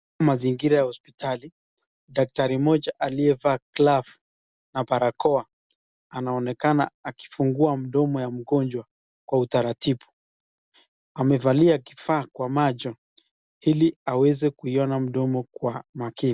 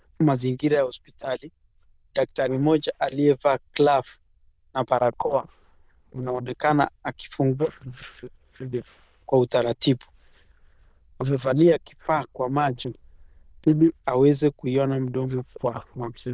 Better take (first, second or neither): first